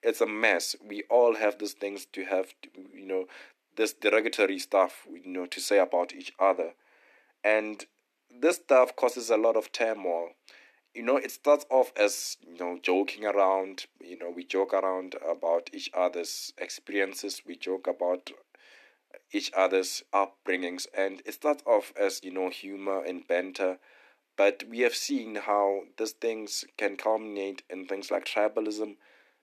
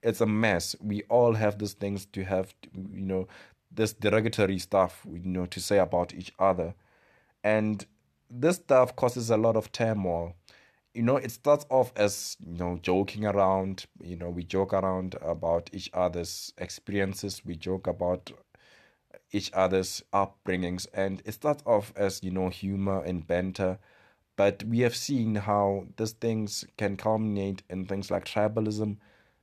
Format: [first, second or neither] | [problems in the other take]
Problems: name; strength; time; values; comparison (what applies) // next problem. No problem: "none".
second | thin; somewhat; fading below 250 Hz